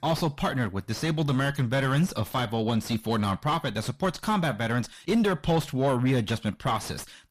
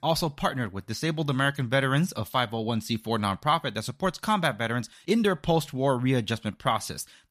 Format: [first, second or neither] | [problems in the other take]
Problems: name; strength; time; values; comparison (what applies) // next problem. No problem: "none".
second | distortion; heavy; 7 dB below the speech